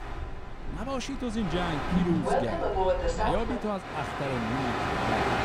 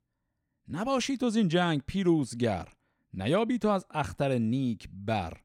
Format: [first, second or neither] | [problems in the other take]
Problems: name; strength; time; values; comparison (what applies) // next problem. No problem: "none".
second | train or aircraft noise; very loud; throughout; 3 dB above the speech